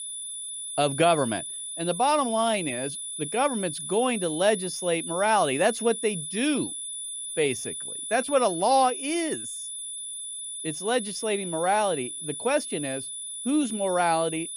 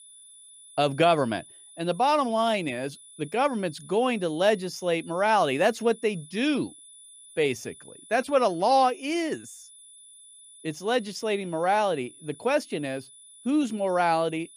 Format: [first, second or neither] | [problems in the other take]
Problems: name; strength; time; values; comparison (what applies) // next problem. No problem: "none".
second | high-pitched whine; loud; throughout; 10 kHz, 6 dB below the speech; faint in the second